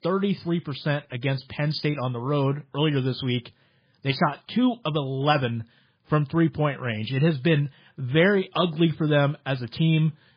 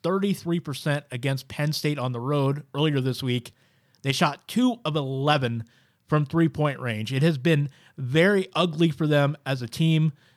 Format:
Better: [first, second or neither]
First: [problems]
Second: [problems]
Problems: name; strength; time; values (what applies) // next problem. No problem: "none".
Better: second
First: garbled, watery; badly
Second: none